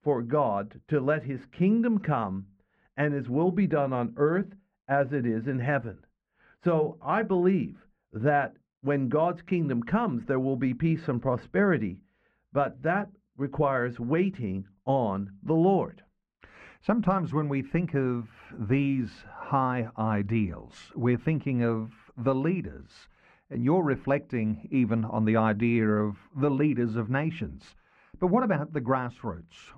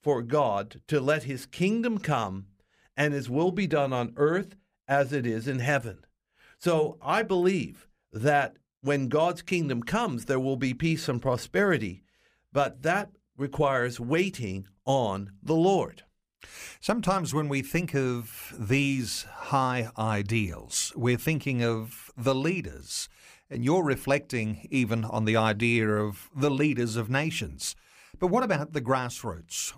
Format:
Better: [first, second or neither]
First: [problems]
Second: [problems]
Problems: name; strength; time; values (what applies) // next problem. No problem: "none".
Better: second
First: muffled; very; fading above 1.5 kHz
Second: none